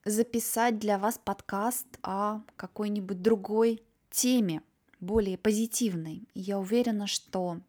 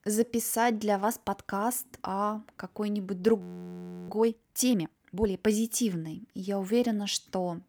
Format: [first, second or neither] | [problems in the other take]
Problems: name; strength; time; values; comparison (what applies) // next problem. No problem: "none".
first | audio freezing; at 3.5 s for 0.5 s